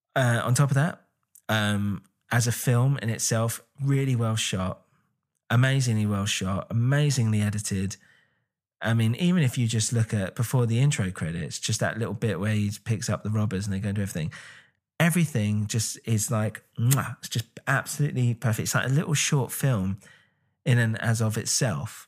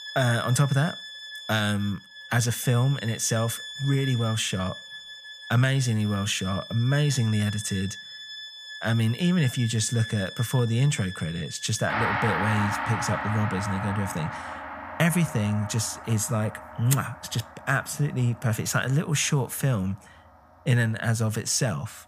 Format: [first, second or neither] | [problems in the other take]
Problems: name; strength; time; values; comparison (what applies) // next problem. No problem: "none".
first | background music; loud; throughout; 9 dB below the speech